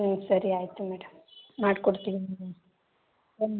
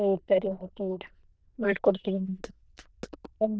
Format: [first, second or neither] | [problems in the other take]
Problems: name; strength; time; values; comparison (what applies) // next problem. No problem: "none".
first | noise reduction (neural diffusion model UNIVERSE++)